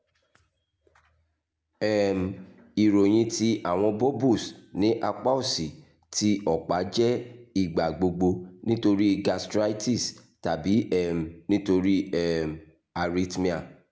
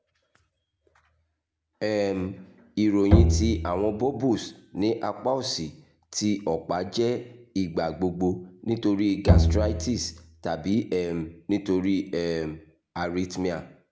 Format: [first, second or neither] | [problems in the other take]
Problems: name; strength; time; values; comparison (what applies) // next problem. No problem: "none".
first | background sound (Bowed string instrument); 3 dB above the speech